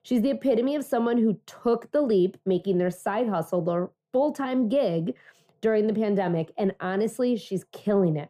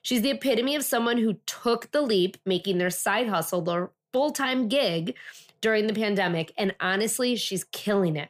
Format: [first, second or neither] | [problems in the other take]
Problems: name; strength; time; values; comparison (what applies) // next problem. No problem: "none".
second | muffled; very; fading above 1.5 kHz